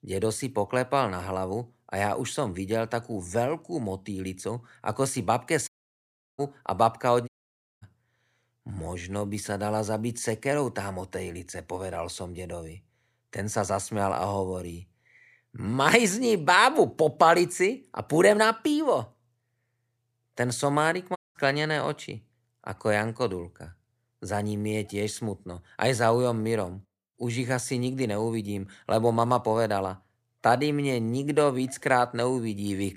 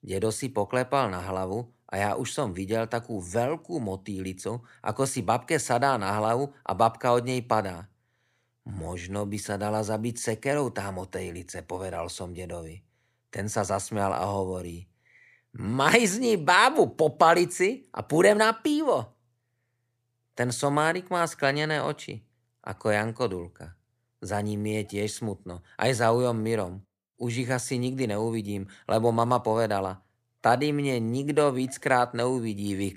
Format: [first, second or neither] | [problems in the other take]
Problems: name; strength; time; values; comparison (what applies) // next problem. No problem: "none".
second | audio cutting out; at 5.5 s for 0.5 s, at 7.5 s for 0.5 s and at 21 s